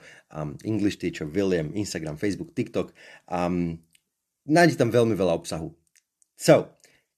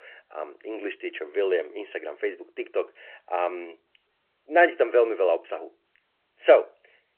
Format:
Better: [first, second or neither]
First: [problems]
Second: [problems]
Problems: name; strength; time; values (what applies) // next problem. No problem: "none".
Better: first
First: none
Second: phone-call audio